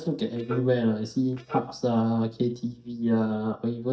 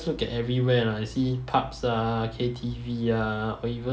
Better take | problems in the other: second | noise reduction (neural mask model DeepFilterNet 3)

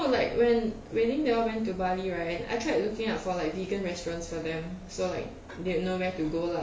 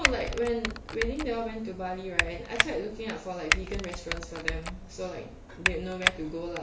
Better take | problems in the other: first | background sound (Typing); 2 dB above the speech

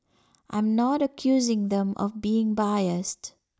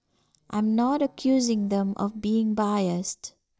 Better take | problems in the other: first | noise reduction (neural separator model SepFormer DNS4)

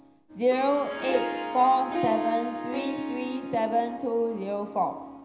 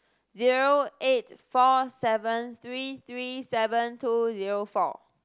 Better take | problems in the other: second | background sound (Harp); 6 dB below the speech // room echo; dies away in 0.9 s

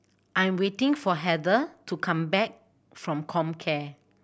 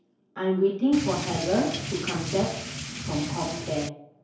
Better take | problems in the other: first | background sound (Drip / Rain); 6 dB below the speech // room echo; dies away in 2.4 s

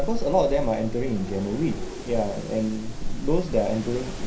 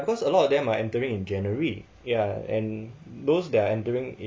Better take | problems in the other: second | background sound (Wind); 3 dB below the speech // room echo; dies away in 0.3 s

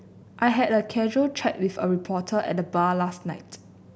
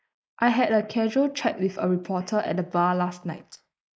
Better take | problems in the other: first | noise reduction (neural mask model Resemble Enhance denoiser)

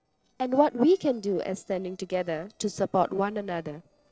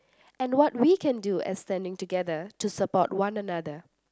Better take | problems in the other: second | noise reduction (neural separator model SepFormer DNS4)

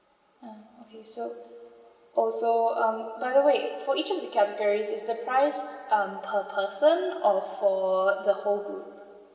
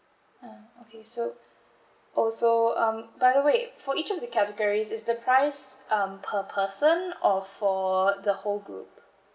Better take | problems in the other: second | room echo; dies away in 2.8 s

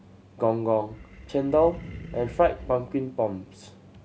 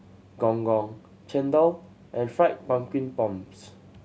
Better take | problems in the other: second | background sound (Animal); 15 dB below the speech

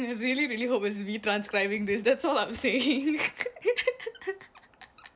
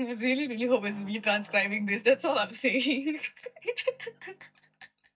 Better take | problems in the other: first | noise reduction (neural mask model DeepFilterNet 3)

